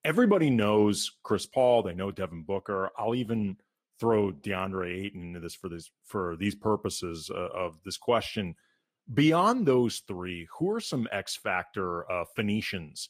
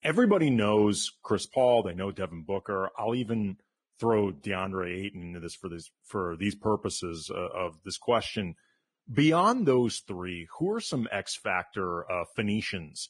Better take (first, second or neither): first